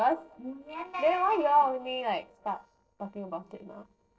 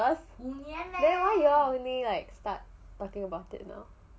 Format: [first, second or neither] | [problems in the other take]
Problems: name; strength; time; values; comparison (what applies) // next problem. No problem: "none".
second | noise reduction (neural separator model SepFormer DNS4)